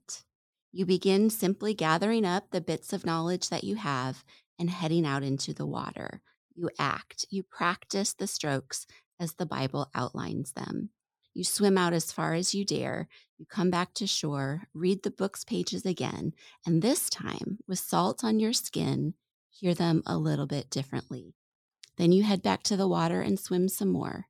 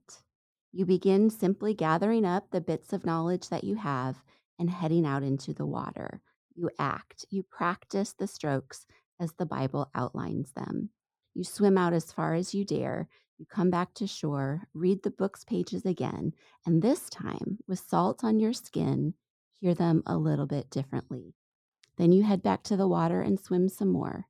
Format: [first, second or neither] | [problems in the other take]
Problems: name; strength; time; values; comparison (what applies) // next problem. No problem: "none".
first | muffled; slightly; fading above 2 kHz